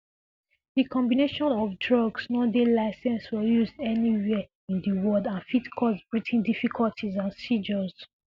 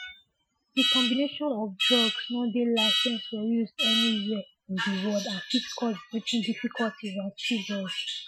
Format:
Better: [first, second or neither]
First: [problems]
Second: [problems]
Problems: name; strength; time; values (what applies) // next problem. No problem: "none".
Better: first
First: none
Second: noise reduction (classical method Wiener filter)